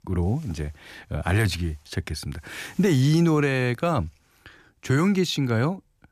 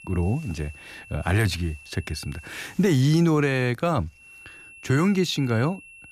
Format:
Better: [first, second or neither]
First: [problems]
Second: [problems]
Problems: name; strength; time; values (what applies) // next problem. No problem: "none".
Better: first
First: none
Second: high-pitched whine; faint; until 2.5 s and from 4 s on; 2.5 kHz, 20 dB below the speech